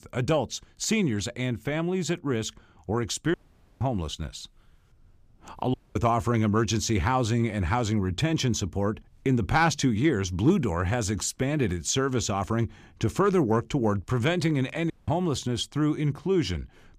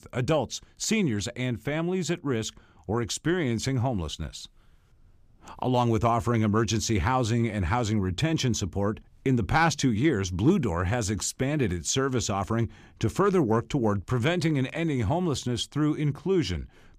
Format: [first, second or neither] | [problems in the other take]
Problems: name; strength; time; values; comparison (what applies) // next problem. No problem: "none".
second | audio cutting out; at 3.5 s, at 5.5 s and at 15 s